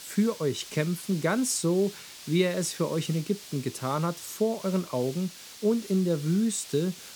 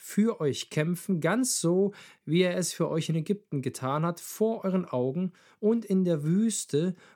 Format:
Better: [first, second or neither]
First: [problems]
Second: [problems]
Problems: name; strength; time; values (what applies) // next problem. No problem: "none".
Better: second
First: hiss; noticeable; throughout; 15 dB below the speech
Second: none